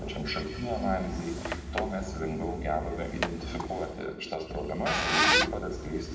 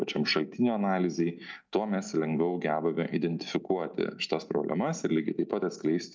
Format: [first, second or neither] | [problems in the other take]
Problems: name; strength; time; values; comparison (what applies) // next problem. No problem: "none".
second | background sound (Squeak); 1 dB above the speech // room echo; dies away in 1.8 s